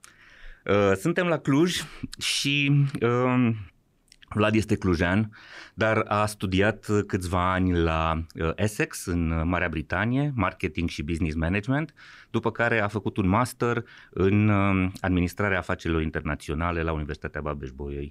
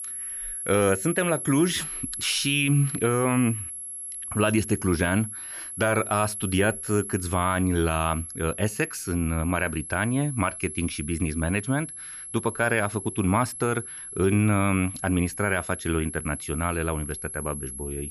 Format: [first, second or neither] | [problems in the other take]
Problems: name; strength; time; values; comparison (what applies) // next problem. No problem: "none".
first | high-pitched whine; loud; throughout; 11 kHz, 8 dB below the speech